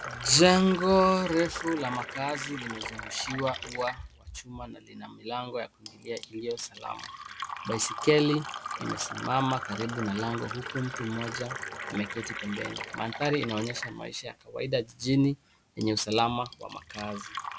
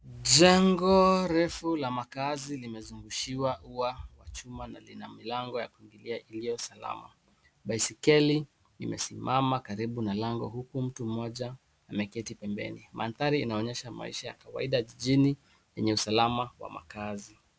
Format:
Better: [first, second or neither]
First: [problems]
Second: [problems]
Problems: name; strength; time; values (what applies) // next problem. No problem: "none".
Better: second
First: background sound (Fill (with liquid)); 10 dB below the speech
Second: none